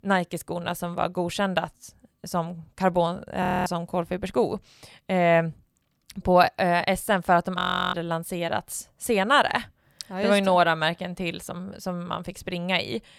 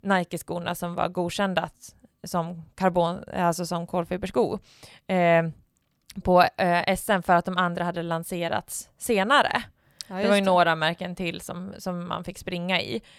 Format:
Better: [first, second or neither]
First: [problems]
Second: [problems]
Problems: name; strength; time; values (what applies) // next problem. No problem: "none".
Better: second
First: audio freezing; at 3.5 s and at 7.5 s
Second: none